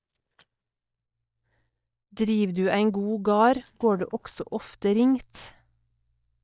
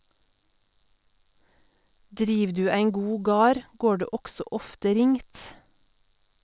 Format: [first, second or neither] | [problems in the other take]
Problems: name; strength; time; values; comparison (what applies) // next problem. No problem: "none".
second | noise reduction (neural mask model DeepFilterNet 3)